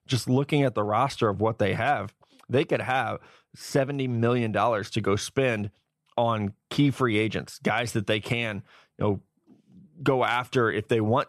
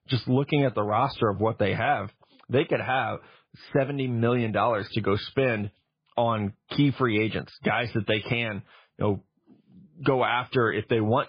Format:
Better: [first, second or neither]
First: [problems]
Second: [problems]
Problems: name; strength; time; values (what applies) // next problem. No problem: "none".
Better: first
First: none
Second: garbled, watery; badly